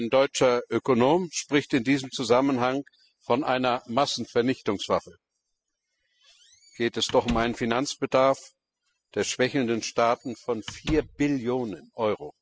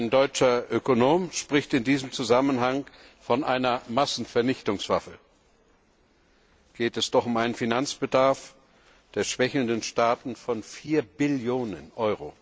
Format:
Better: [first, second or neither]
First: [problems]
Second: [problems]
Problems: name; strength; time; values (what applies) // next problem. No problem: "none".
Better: second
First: noise reduction (classical method spectral subtraction)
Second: none